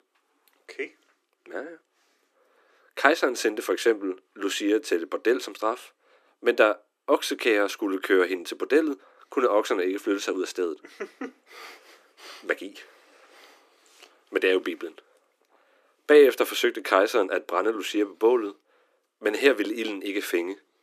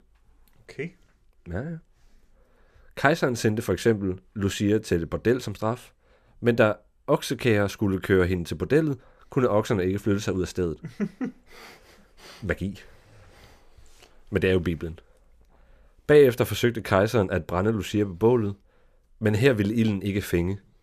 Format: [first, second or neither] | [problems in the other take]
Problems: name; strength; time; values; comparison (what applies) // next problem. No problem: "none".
second | thin; somewhat; fading below 300 Hz